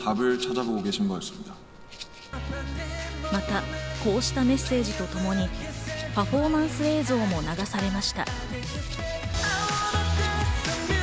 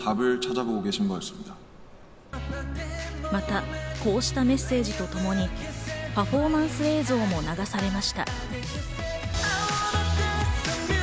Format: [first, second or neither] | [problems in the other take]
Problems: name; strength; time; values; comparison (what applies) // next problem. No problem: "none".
second | background sound (Rattle (instrument) + Trumpet); 19 dB below the speech